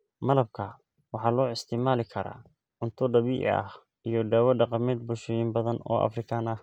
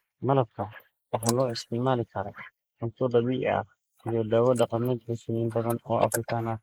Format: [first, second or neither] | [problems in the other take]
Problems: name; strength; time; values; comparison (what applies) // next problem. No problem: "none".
first | noise reduction (neural mask model Resemble Enhance denoiser)